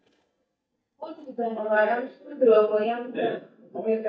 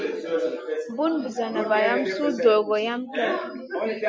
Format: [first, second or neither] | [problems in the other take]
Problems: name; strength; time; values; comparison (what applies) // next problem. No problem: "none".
second | noise reduction (neural mask model DeepFilterNet 3)